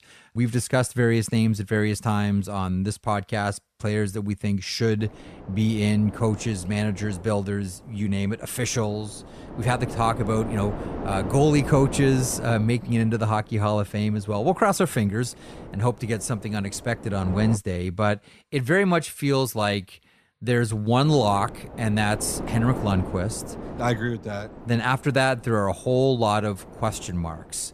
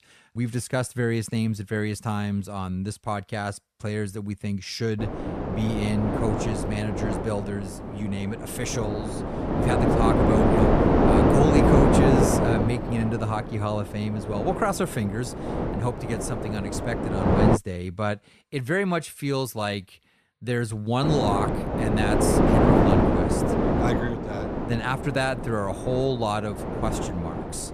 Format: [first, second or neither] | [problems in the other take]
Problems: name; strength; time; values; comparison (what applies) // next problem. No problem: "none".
first | wind noise on the microphone; heavy; from 5 to 18 s and from 21 s on; 4 dB above the speech; occasional gusts in the first